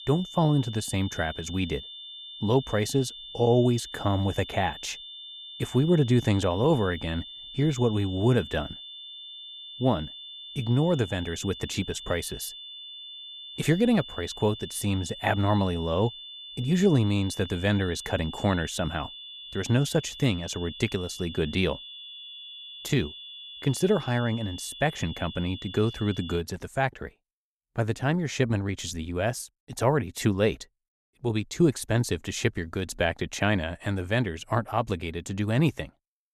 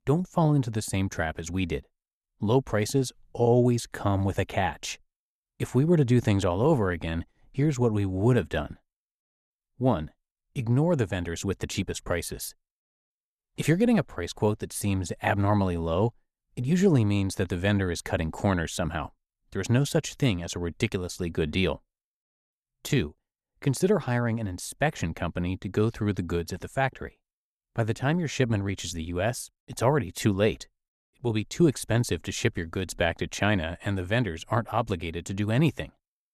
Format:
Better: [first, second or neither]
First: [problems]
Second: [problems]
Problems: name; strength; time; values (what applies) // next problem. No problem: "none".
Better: second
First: high-pitched whine; noticeable; until 26 s; 3.5 kHz, 10 dB below the speech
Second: none